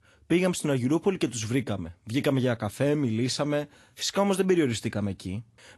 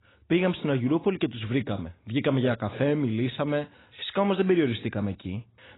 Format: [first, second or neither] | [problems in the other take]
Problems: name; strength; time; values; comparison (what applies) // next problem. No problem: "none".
first | garbled, watery; badly; nothing above 4 kHz; slightly in the first